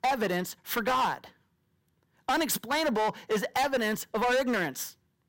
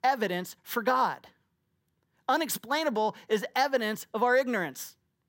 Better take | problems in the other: second | distortion; heavy; 13% of the sound clipped

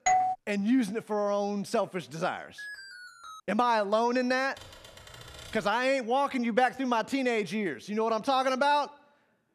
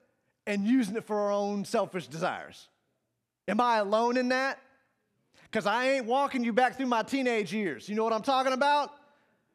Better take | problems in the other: second | doorbell; loud; at the start; peak 3 dB above the speech // alarm; faint; at 2.5 s; peak 15 dB below the speech // keyboard typing; faint; from 4.5 to 5.5 s; peak 15 dB below the speech

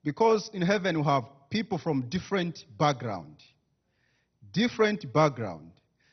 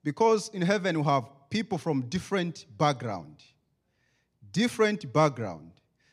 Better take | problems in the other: second | garbled, watery; badly; nothing above 6 kHz

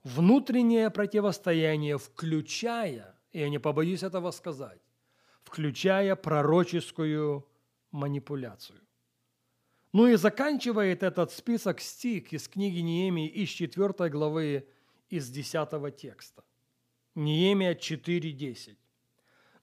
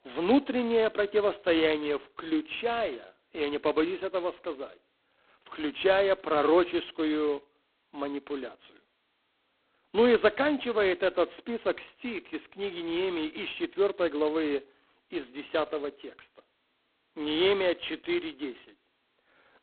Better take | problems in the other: first | phone-call audio; poor line; nothing above 4 kHz

